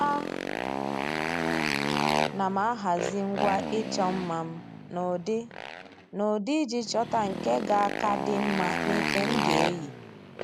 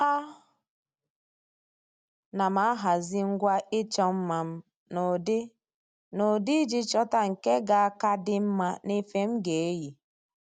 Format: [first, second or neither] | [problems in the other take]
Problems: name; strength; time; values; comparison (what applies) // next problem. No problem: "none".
second | background sound (Motorcycle); 1 dB below the speech